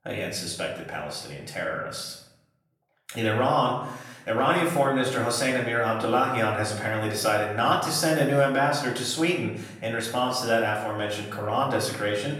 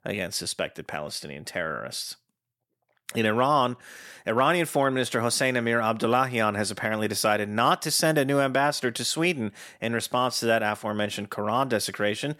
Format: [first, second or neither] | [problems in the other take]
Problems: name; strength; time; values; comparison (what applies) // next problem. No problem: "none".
second | off-mic speech; far // room echo; noticeable; dies away in 0.7 s